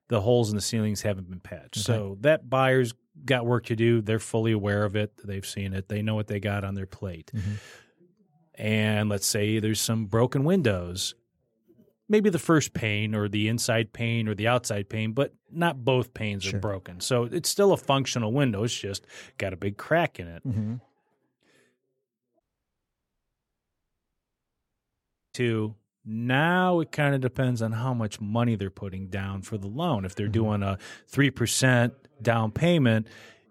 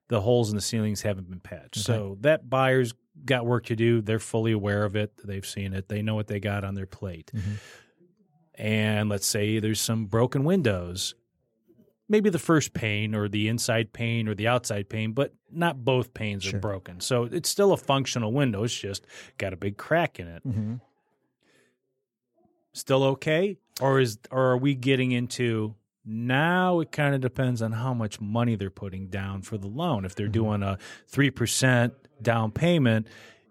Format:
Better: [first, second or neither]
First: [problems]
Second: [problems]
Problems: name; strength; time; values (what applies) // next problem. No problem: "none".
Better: second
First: audio cutting out; at 22 s for 3 s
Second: none